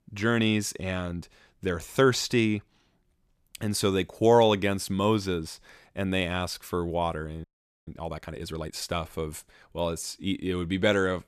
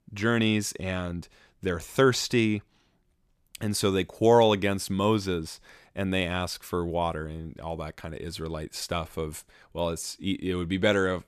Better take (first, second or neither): second